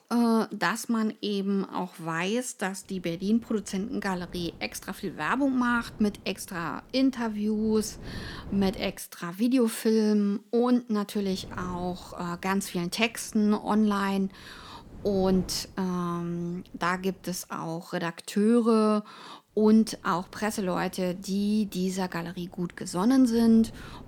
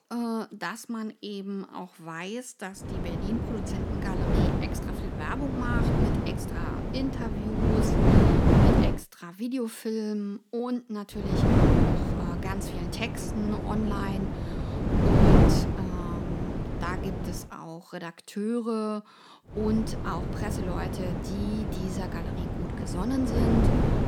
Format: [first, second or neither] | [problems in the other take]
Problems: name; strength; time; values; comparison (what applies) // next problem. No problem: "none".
first | wind noise on the microphone; heavy; from 3 to 9 s, from 11 to 17 s and from 20 s on; 4 dB above the speech; occasional gusts in the first